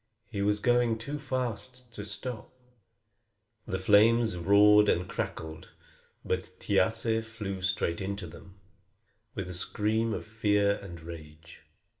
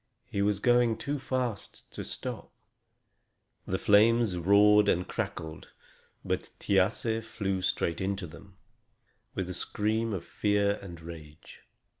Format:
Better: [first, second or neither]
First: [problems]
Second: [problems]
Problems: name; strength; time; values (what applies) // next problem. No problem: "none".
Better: second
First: room echo; dies away in 0.5 s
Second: none